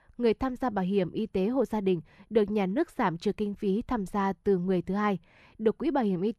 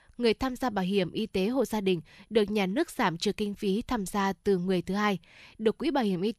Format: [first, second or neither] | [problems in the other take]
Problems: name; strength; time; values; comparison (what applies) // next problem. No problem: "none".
second | muffled; slightly; fading above 2.5 kHz